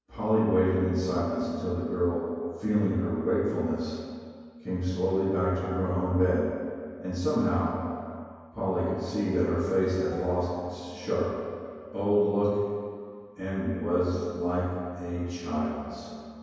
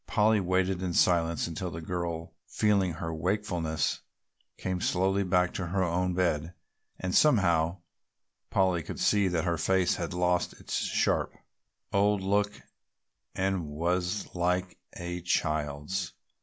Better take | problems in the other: second | background sound (Bell); 18 dB below the speech // room echo; dies away in 2.2 s

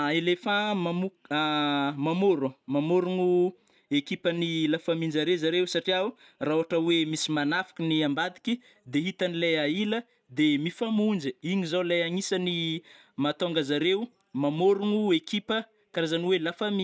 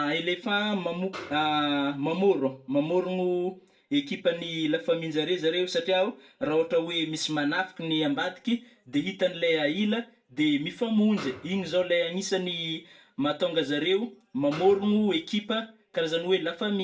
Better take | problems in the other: first | background sound (Snare drum); 16 dB below the speech // room echo; dies away in 0.3 s

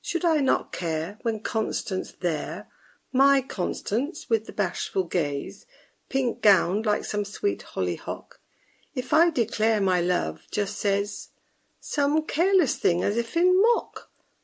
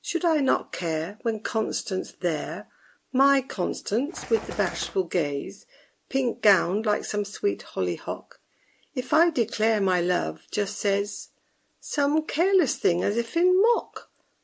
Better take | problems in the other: first | background sound (Bird); 12 dB below the speech

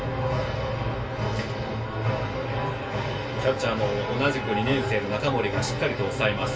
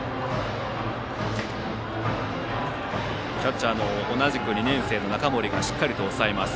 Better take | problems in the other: second | background sound (Explosion); 16 dB below the speech // room echo; dies away in 0.2 s

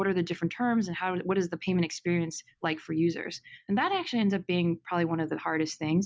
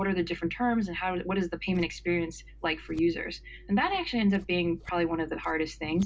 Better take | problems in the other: first | background sound (Scissors); 19 dB below the speech // room echo; dies away in 0.2 s

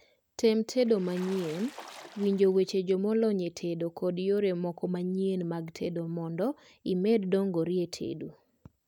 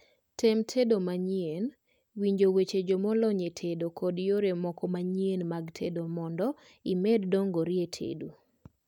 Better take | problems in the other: second | background sound (Water / Splash, splatter); 19 dB below the speech

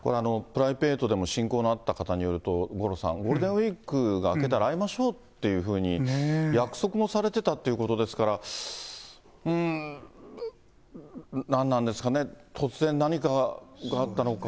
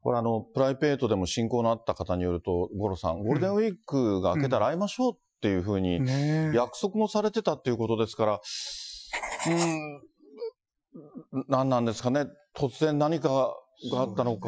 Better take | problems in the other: first | noise reduction (classical method Wiener filter)

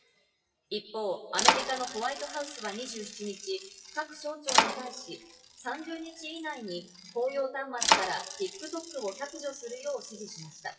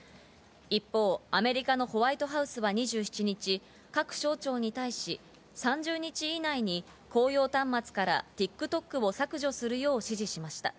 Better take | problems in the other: second | noise reduction (classical method WPE with log-MMSE)

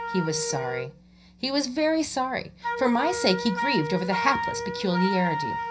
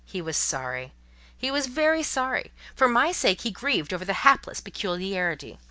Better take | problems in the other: second | background sound (Wind instrument, woodwind instrument); 5 dB below the speech // room echo; dies away in 0.4 s

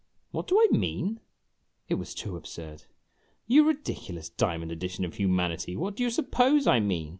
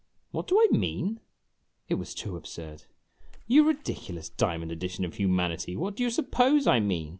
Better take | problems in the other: first | background sound (Splash, splatter); 18 dB below the speech

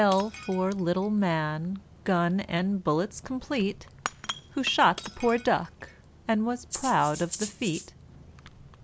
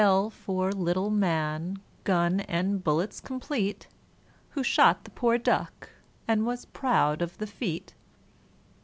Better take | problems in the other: second | background sound (Shatter / Crushing + Rattle (instrument)); 14 dB below the speech

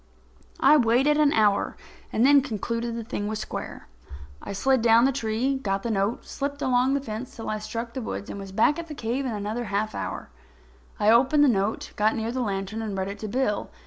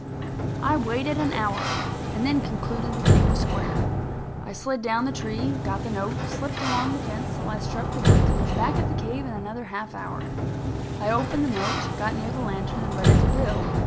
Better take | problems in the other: first | background sound (Sliding door); 5 dB above the speech

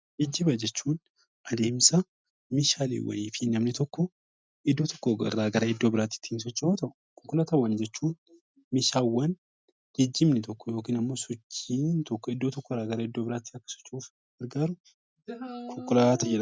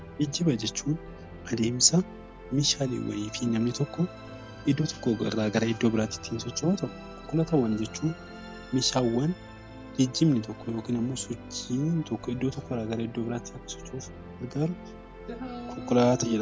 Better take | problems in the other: first | background sound (Musical instrument); 14 dB below the speech

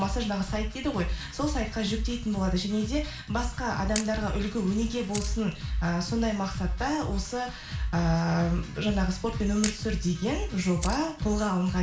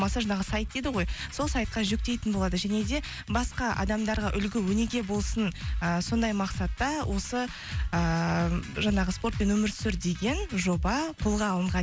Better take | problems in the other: second | background sound (Camera); 15 dB below the speech // room echo; dies away in 0.4 s

